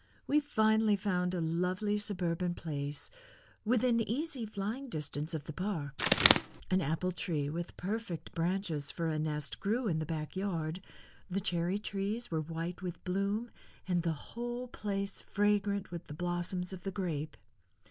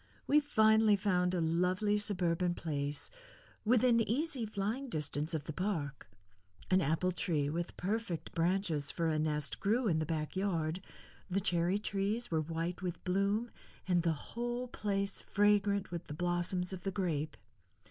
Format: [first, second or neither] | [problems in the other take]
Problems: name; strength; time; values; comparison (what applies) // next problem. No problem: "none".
second | background sound (Bird); 5 dB above the speech